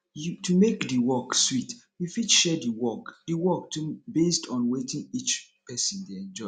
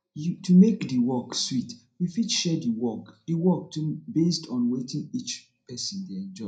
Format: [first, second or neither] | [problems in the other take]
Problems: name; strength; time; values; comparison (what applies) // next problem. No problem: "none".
first | room echo; dies away in 0.3 s